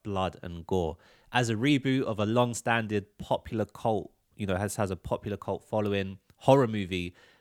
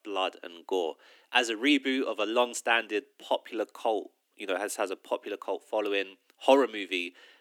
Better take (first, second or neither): first